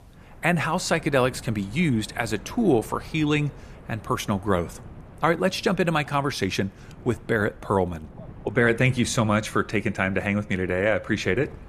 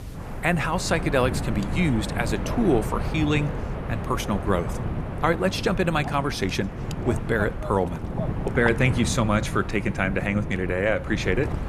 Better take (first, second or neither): first